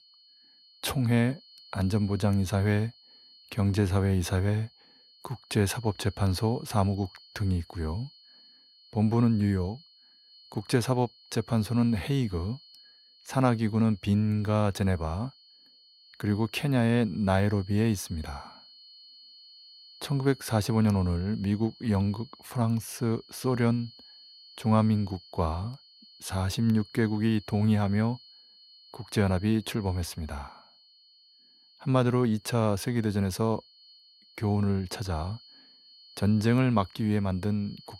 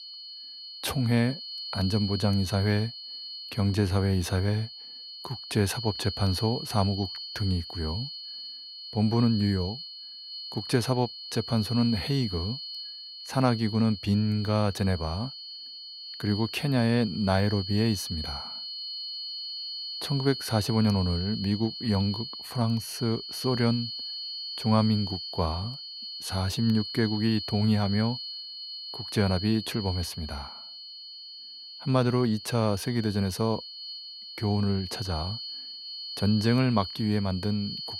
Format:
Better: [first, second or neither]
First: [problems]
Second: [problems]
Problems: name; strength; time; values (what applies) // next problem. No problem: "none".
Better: first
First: high-pitched whine; faint; throughout; 4.5 kHz, 25 dB below the speech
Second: high-pitched whine; loud; throughout; 4.5 kHz, 8 dB below the speech